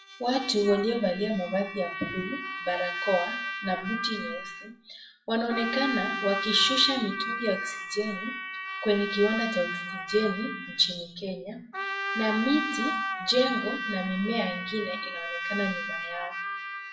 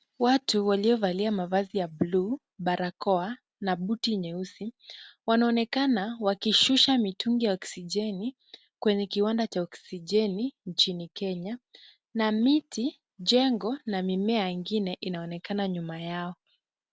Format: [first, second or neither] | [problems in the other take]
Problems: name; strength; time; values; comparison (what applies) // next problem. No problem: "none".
second | noise reduction (classical method WPE with log-MMSE)